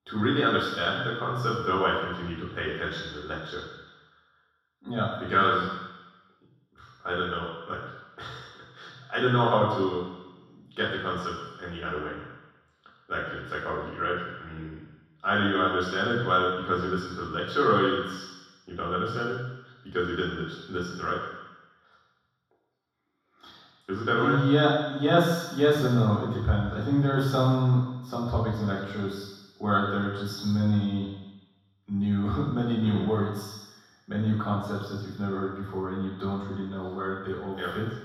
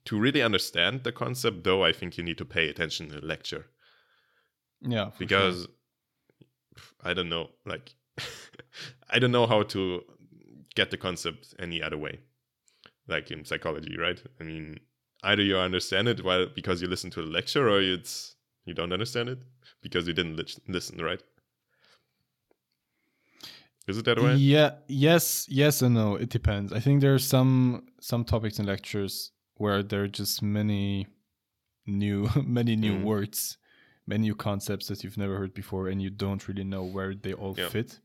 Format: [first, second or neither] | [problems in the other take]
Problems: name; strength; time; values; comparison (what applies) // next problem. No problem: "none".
second | room echo; strong; dies away in 1.2 s // off-mic speech; far